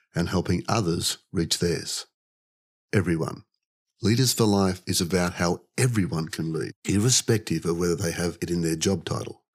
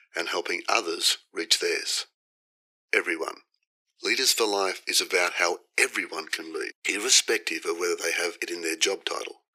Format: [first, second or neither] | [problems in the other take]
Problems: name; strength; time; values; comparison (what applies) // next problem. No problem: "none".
first | thin; very; fading below 350 Hz